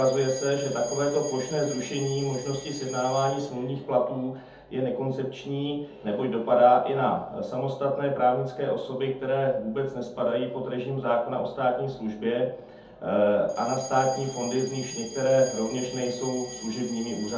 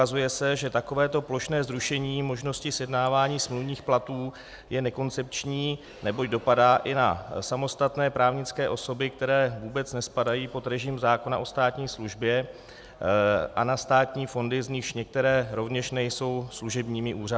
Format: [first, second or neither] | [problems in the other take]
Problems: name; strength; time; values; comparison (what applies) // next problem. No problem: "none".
second | background sound (Alarm); 18 dB below the speech // room echo; dies away in 0.6 s